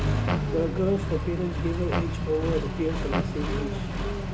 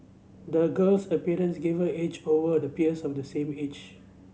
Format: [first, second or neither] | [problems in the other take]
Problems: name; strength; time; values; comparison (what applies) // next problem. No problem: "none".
second | background sound (Accelerating, revving, vroom + Fart); 2 dB above the speech